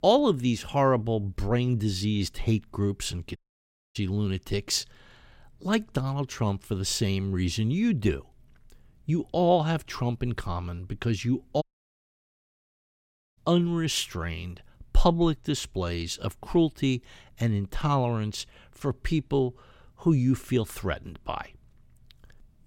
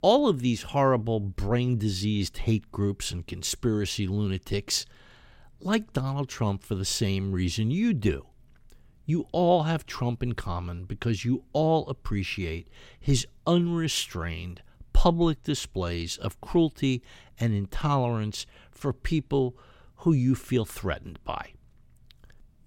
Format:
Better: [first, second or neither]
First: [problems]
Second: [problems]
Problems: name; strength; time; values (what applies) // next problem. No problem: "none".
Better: second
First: audio cutting out; at 3.5 s for 0.5 s and at 12 s for 2 s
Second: none